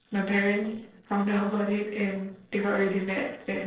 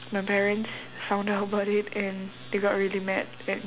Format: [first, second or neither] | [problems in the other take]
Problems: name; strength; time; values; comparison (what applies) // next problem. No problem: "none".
second | noise reduction (neural separator model SepFormer DNS4)